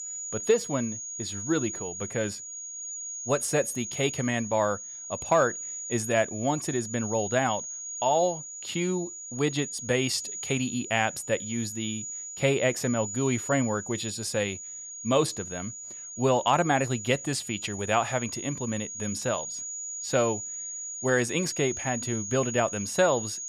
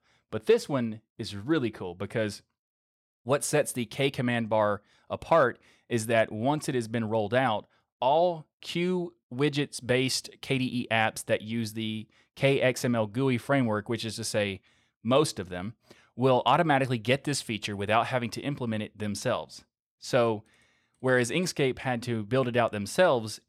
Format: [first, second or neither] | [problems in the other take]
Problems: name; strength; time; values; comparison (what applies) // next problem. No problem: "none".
second | high-pitched whine; loud; throughout; 6.5 kHz, 7 dB below the speech